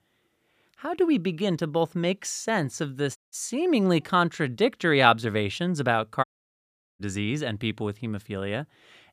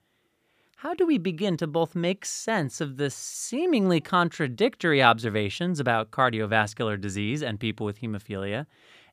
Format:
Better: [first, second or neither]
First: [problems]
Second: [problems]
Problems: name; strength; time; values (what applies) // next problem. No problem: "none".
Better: second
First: audio cutting out; at 3 s and at 6 s for 1 s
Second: none